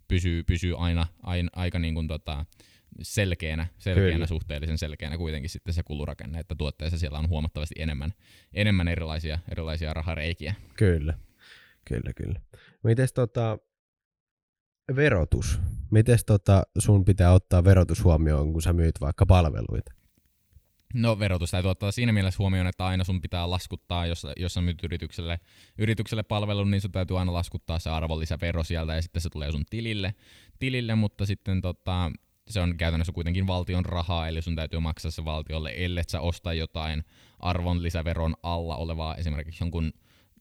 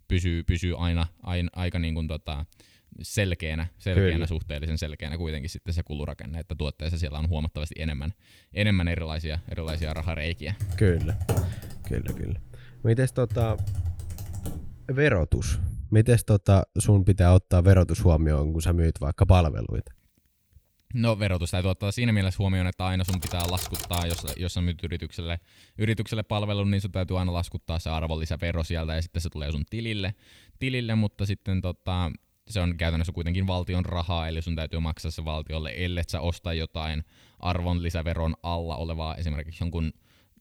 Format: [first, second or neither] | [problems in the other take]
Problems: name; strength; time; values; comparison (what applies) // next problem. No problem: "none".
first | keyboard typing; noticeable; from 9.5 to 15 s and from 23 to 24 s; peak level with the speech